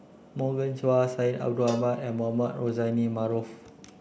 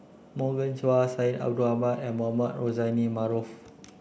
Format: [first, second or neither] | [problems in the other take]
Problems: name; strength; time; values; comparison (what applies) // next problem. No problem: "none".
second | background sound (Cowbell); 15 dB below the speech